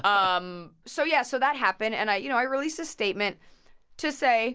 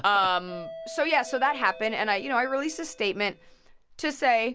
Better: first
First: none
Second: background sound (Doorbell); 17 dB below the speech

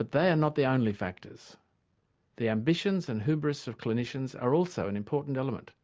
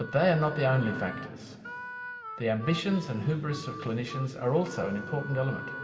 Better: first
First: none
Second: background sound (Harmonica); 13 dB below the speech // room echo; dies away in 2.3 s

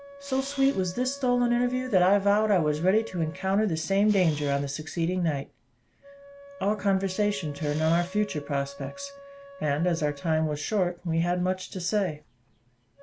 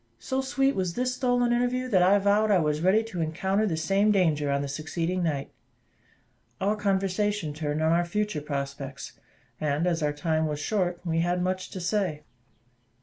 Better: second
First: background sound (Camera + Wind instrument, woodwind instrument); 19 dB below the speech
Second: none

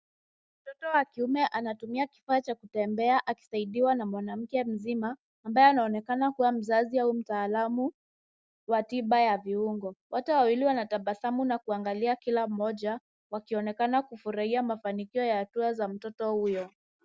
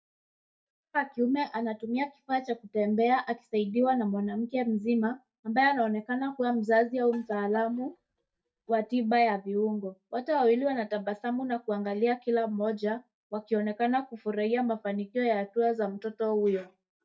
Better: first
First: none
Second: noise reduction (neural mask model DeepFilterNet 3)

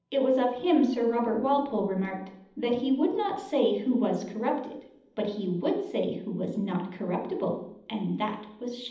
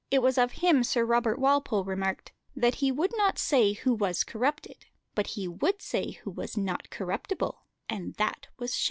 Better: second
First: room echo; dies away in 0.8 s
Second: none

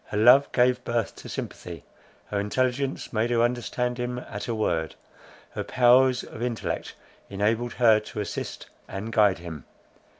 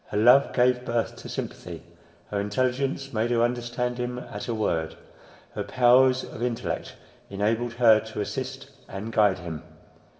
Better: first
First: none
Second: room echo; dies away in 1.4 s

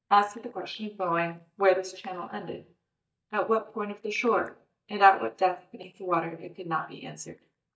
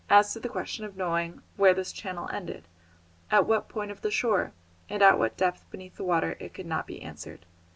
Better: second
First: noise reduction (neural mask model DeepFilterNet 3)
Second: none

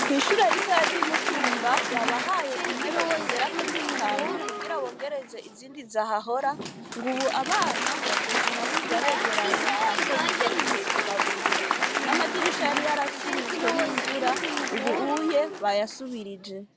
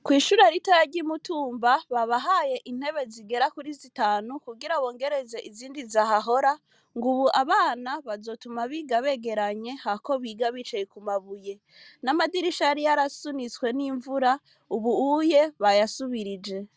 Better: second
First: background sound (Applause); 2 dB above the speech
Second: none

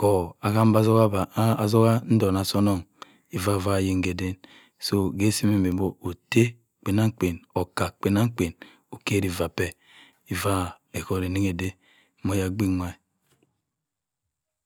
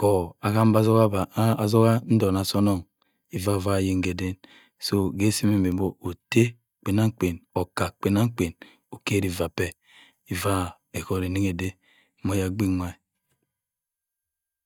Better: first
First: none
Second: noise reduction (neural mask model DeepFilterNet 3)

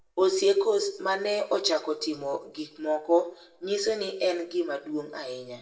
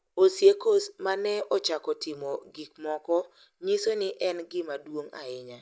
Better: second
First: room echo; dies away in 0.5 s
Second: none

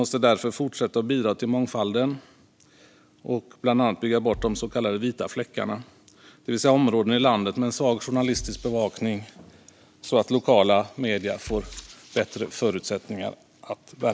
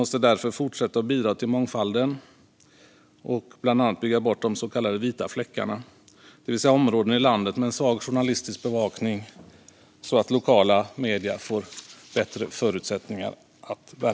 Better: second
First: background sound (Bass drum); 20 dB below the speech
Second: none

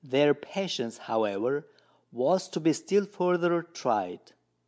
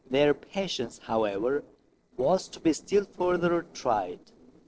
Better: first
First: none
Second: noise reduction (neural separator model SepFormer DNS4)

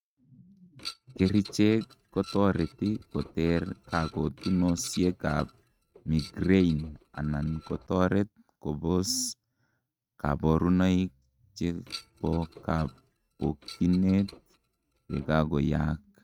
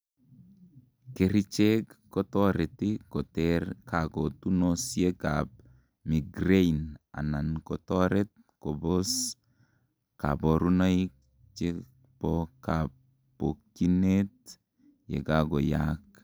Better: second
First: noise reduction (neural mask model RNNoise)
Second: none

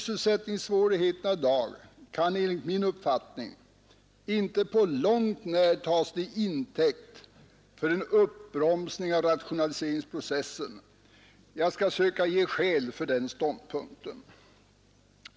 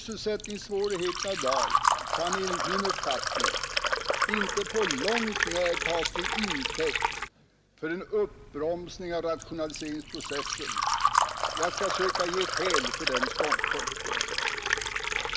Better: first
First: none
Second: background sound (Liquid); 3 dB above the speech

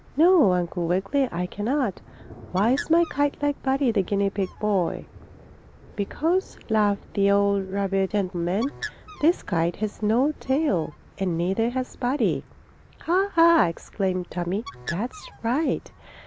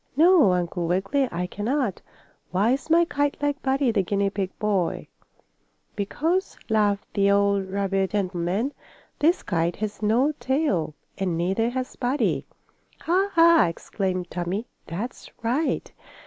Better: second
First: background sound (Bird + Thunder); 19 dB below the speech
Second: none

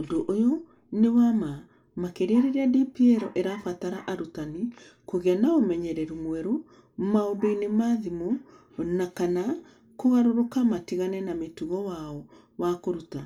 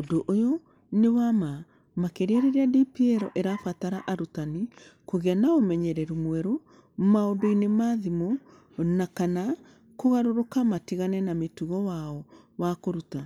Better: second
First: room echo; dies away in 0.2 s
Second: none

